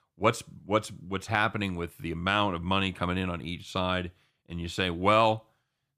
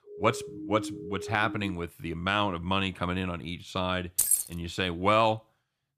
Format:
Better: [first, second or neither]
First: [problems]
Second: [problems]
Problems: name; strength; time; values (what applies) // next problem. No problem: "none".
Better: first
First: none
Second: siren; noticeable; until 1.5 s; peak 8 dB below the speech // jangling keys; loud; at 4 s; peak 6 dB above the speech